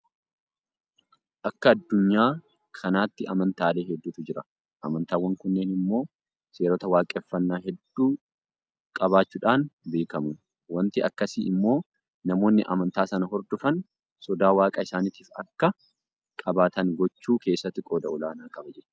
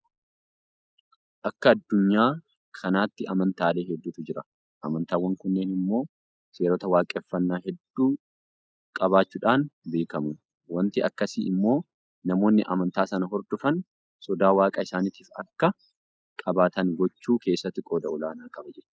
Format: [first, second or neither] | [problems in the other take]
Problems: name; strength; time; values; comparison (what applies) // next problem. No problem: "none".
first | noise reduction (neural mask model Resemble Enhance denoiser)